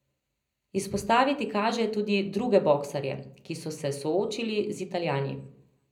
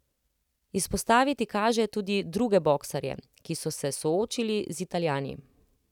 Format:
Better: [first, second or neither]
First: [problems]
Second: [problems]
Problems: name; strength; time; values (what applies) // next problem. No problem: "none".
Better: second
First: room echo; dies away in 0.5 s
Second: none